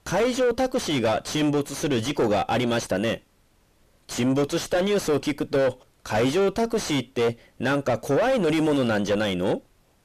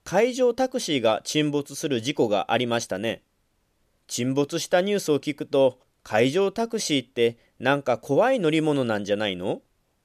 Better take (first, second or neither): second